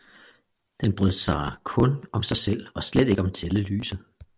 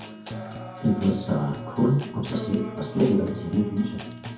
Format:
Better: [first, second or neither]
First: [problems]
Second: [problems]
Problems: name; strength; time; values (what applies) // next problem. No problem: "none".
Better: first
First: none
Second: background sound (Acoustic guitar); 11 dB below the speech // room echo; dies away in 0.6 s